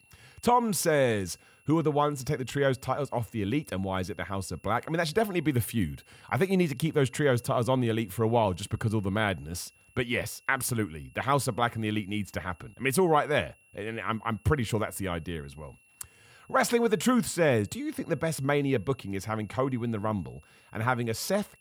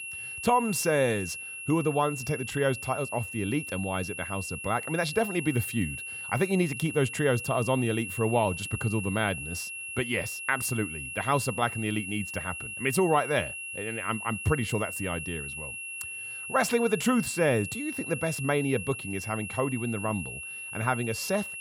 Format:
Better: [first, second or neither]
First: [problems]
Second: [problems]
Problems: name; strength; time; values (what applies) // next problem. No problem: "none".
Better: first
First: high-pitched whine; faint; throughout; 2.5 kHz, 30 dB below the speech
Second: high-pitched whine; loud; throughout; 2.5 kHz, 7 dB below the speech